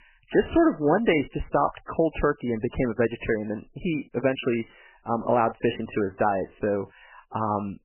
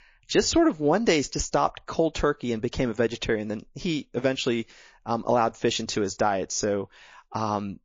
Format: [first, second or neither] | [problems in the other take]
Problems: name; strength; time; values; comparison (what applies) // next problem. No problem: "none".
second | garbled, watery; badly; nothing above 3 kHz; slightly in the second